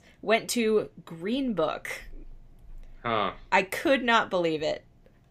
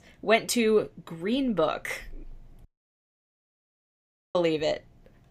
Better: first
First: none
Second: audio cutting out; at 2.5 s for 1.5 s

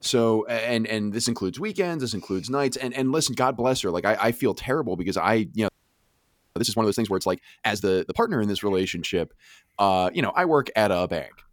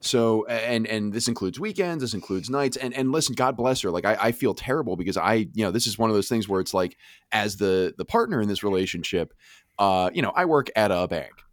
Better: second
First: audio freezing; at 5.5 s for 1 s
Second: none

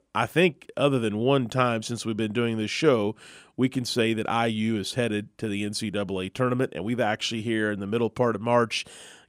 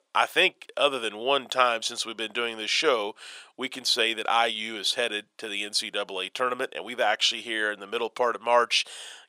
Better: first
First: none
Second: thin; very; fading below 700 Hz

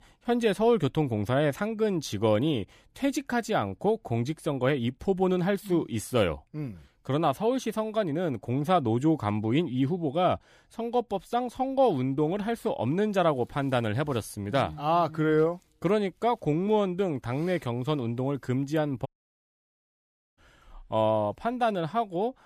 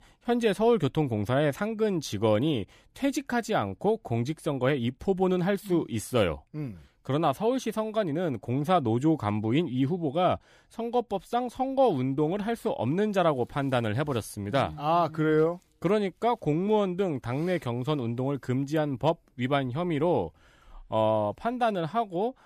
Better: second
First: audio cutting out; at 19 s for 1.5 s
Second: none

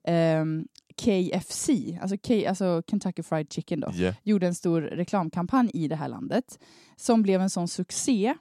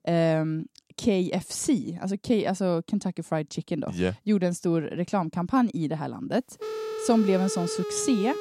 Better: first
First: none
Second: phone ringing; noticeable; from 6.5 s on; peak 6 dB below the speech

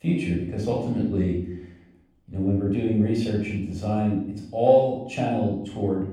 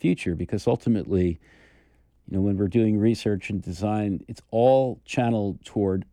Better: second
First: off-mic speech; far // room echo; noticeable; dies away in 0.6 s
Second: none

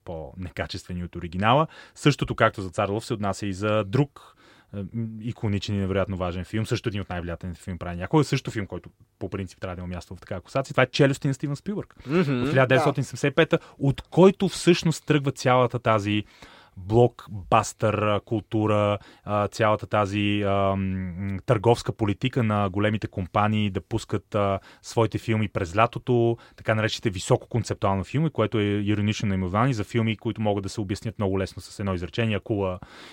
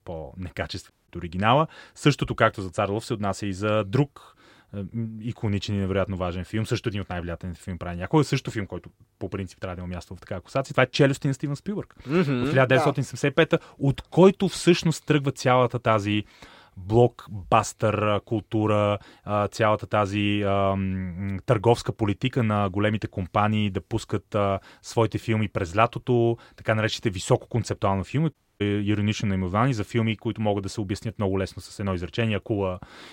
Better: first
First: none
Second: audio cutting out; at 1 s and at 28 s

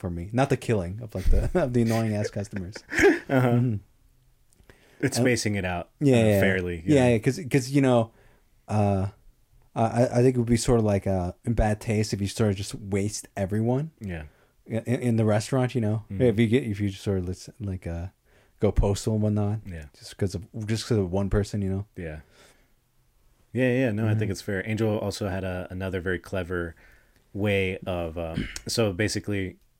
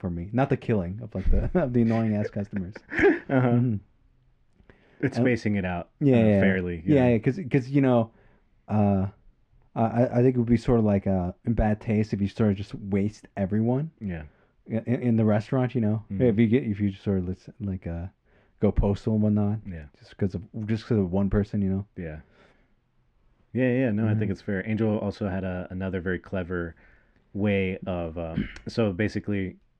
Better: first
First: none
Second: muffled; slightly; fading above 2.5 kHz

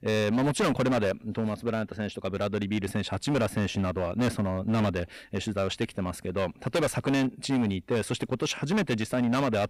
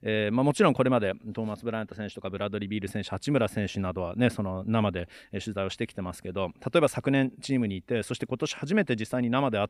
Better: second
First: distortion; heavy; 13% of the sound clipped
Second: none

